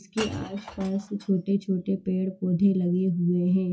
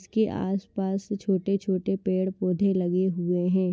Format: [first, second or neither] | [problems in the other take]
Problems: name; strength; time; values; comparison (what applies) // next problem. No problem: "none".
second | noise reduction (classical method WPE with log-MMSE)